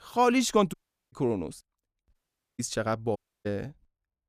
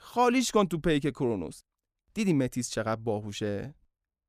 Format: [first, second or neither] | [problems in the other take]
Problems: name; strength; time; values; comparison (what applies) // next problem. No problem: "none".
second | audio cutting out; at 0.5 s, at 2 s and at 3 s